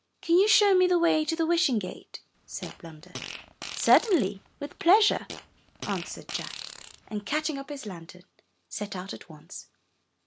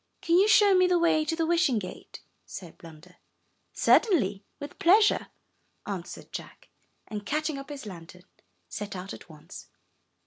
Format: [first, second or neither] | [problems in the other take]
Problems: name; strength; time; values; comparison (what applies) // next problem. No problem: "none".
second | background sound (Fart); 14 dB below the speech